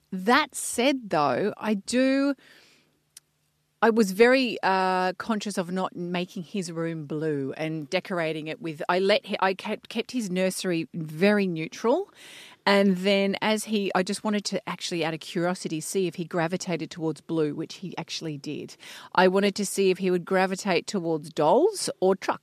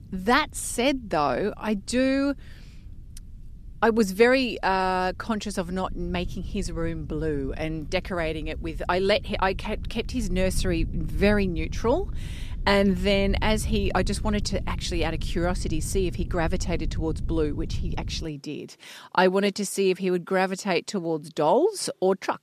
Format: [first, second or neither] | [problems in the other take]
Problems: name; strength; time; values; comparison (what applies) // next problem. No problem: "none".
first | low rumble; faint; until 18 s; 25 dB below the speech